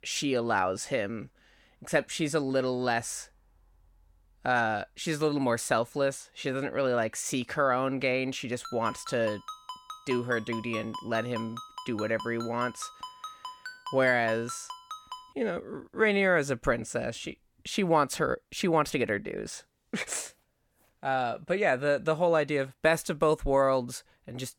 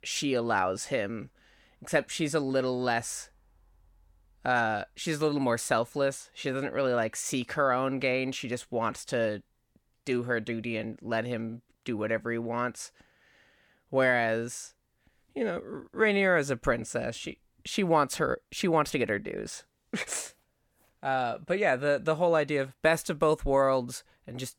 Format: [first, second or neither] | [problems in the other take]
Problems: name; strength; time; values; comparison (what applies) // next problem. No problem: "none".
second | phone ringing; faint; from 8.5 to 15 s; peak 10 dB below the speech